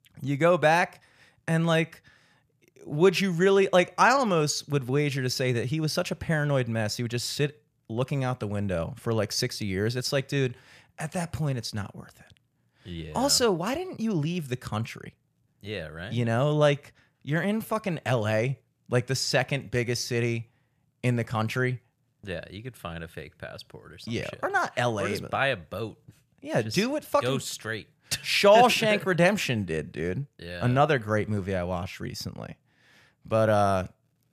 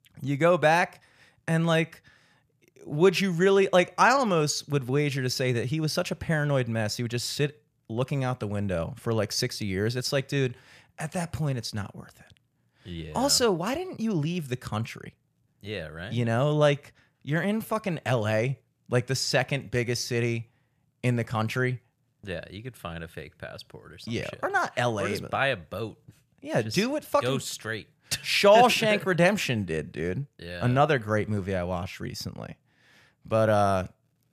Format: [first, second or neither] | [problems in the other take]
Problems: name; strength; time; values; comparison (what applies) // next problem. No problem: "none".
neither | none